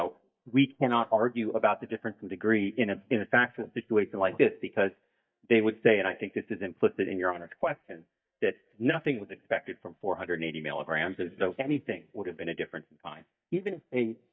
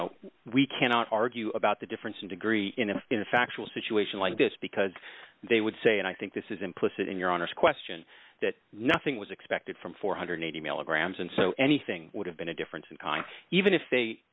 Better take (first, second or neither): second